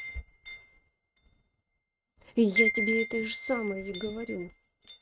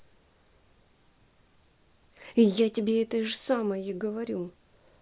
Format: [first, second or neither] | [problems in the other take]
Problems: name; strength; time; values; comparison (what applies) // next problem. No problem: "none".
second | noise reduction (neural mask model RNNoise)